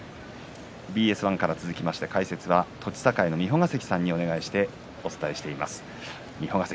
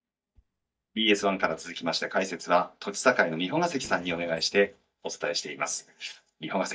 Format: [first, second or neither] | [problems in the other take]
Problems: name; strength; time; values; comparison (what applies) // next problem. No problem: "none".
first | noise reduction (neural mask model DeepFilterNet 3)